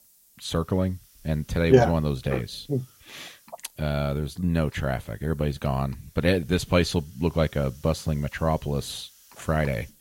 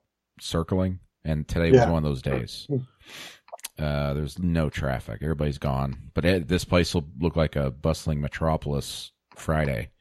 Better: second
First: hiss; faint; throughout; 25 dB below the speech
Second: none

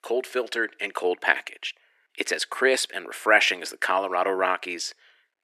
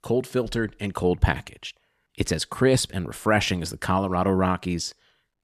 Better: second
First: thin; very; fading below 350 Hz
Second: none

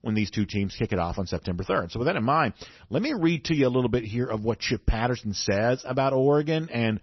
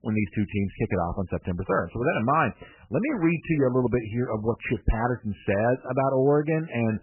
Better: first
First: garbled, watery; slightly; nothing above 6 kHz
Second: garbled, watery; badly; nothing above 2.5 kHz

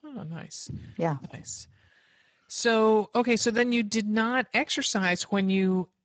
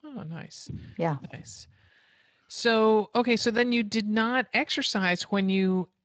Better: second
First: garbled, watery; badly; nothing above 7.5 kHz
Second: garbled, watery; slightly; nothing above 7.5 kHz

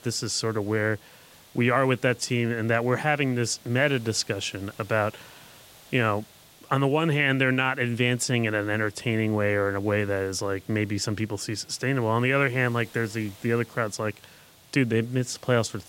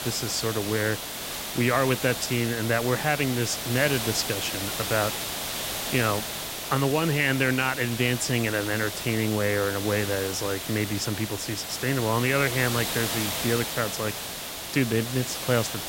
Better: first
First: hiss; faint; throughout; 25 dB below the speech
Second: hiss; loud; throughout; 4 dB below the speech

